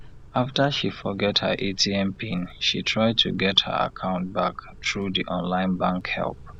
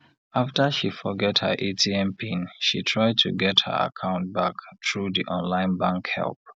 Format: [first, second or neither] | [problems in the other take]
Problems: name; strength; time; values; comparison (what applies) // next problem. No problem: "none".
second | background sound (Idling / Accelerating, revving, vroom / Car + Cricket); 19 dB below the speech